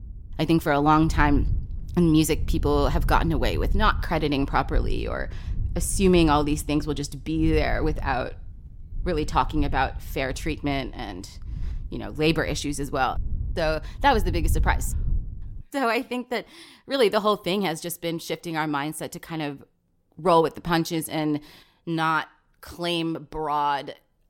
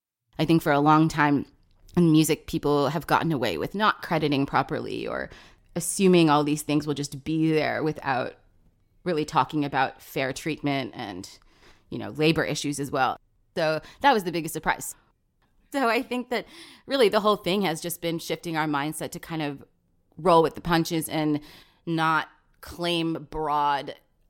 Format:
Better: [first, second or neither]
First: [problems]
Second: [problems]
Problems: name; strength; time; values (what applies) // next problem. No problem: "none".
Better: second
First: wind noise on the microphone; occasional gusts; until 16 s; 25 dB below the speech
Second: none